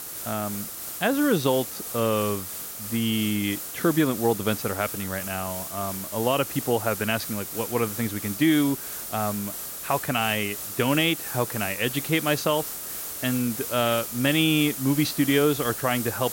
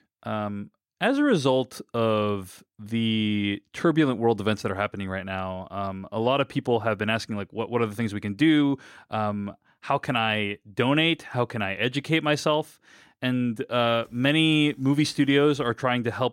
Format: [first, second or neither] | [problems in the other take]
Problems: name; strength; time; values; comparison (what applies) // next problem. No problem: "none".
second | hiss; loud; throughout; 6 dB below the speech